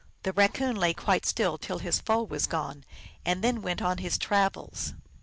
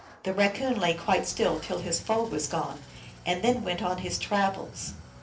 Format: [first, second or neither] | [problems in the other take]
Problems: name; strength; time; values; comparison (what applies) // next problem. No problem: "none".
first | background sound (Idling / Engine starting); 20 dB below the speech // room echo; dies away in 0.3 s